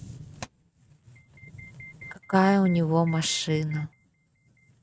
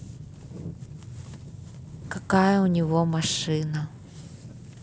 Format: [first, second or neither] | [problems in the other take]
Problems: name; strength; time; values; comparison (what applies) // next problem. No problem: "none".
second | noise reduction (neural mask model RNNoise)